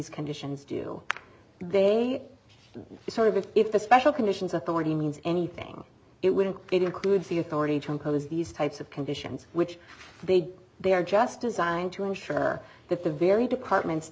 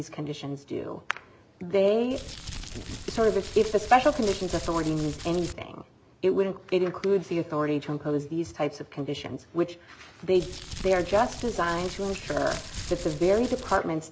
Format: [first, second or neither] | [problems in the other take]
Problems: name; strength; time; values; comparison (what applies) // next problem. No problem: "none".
first | background sound (Crumpling, crinkling); 11 dB below the speech